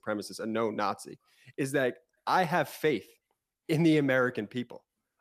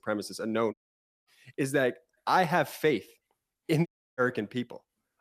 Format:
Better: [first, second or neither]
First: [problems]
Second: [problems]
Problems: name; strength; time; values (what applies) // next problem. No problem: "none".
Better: first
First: none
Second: audio cutting out; at 0.5 s for 0.5 s and at 4 s